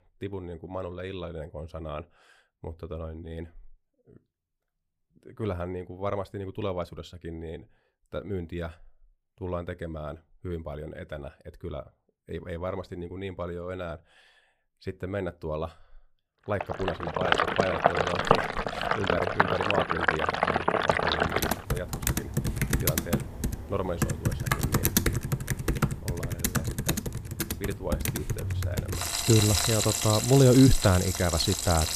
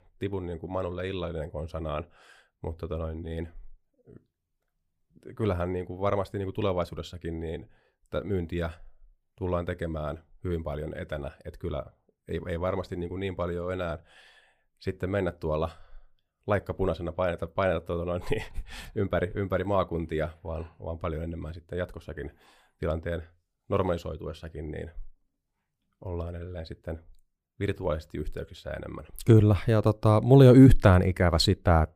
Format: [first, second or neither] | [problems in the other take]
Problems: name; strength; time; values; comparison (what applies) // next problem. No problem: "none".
second | household noises; very loud; from 17 s on; 3 dB above the speech